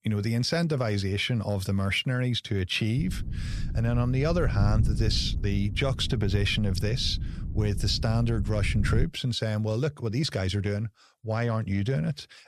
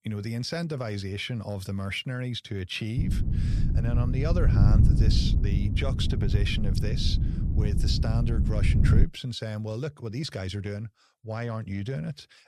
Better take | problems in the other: first | wind noise on the microphone; heavy; from 3 to 9 s; 4 dB below the speech; occasional gusts in the first

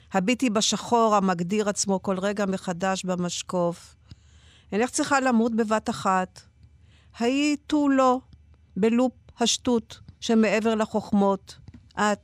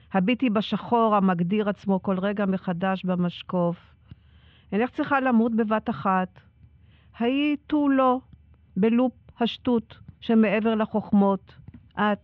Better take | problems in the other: first | muffled; very; fading above 3 kHz

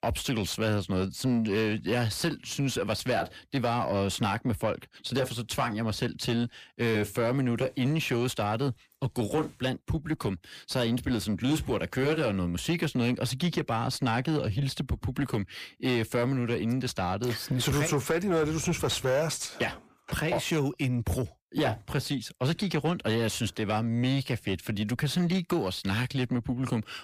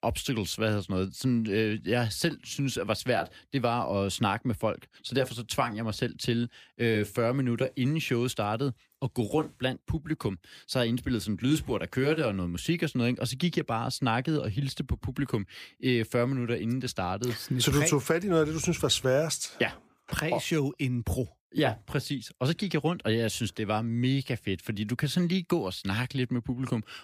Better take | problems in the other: second | distortion; slight; 10 dB below the speech

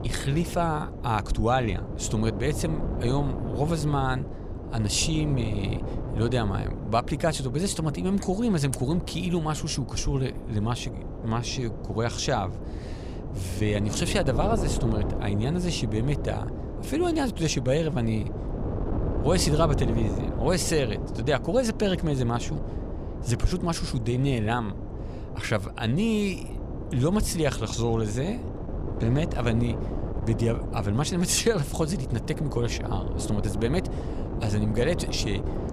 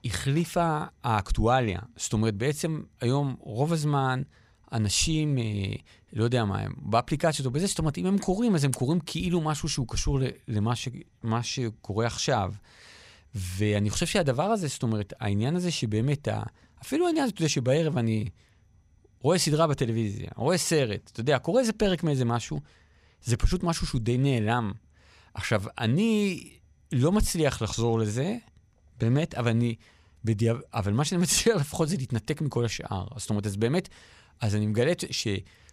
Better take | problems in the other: second | wind noise on the microphone; heavy; 9 dB below the speech

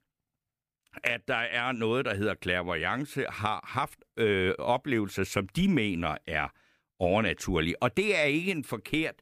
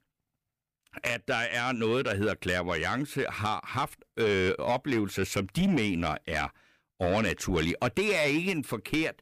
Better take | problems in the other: first | distortion; slight; 10 dB below the speech

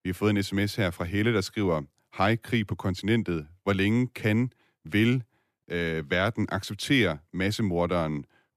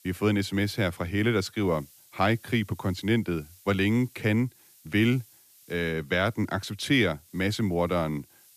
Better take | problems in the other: first | hiss; faint; throughout; 25 dB below the speech

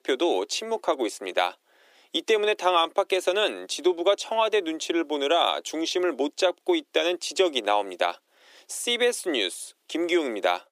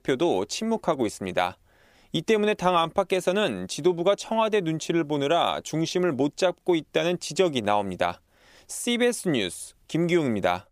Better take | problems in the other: second | thin; somewhat; fading below 300 Hz

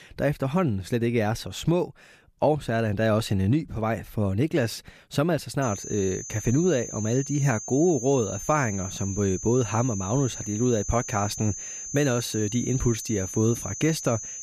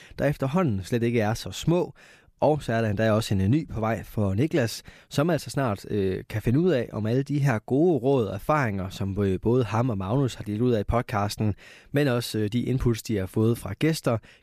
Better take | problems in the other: second | high-pitched whine; loud; from 5.5 s on; 6 kHz, 8 dB below the speech

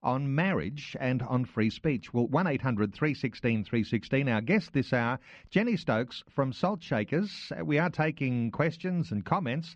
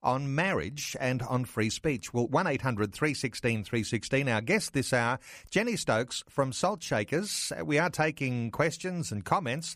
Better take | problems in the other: second | muffled; slightly; fading above 4 kHz

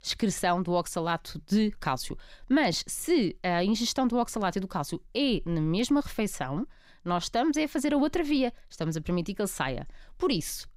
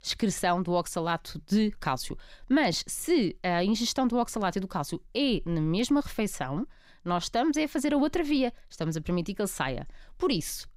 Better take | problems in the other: neither | none

